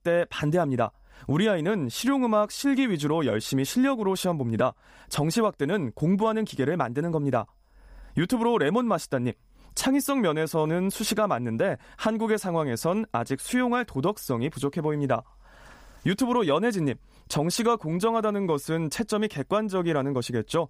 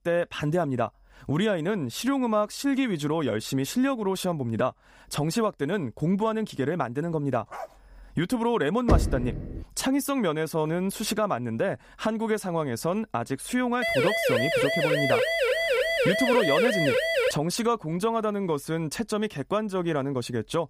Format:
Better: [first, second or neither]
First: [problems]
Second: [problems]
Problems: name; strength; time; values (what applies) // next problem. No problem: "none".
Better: first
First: none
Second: dog barking; faint; at 7.5 s; peak 15 dB below the speech // door banging; loud; at 9 s; peak 3 dB above the speech // siren; loud; from 14 to 17 s; peak 4 dB above the speech